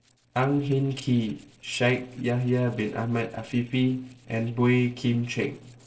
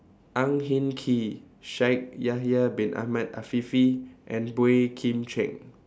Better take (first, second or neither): second